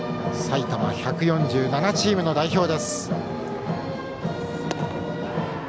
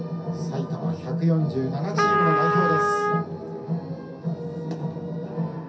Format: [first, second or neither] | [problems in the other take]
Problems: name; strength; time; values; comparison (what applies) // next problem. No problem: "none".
first | background sound (Trumpet); 3 dB above the speech // room echo; dies away in 0.3 s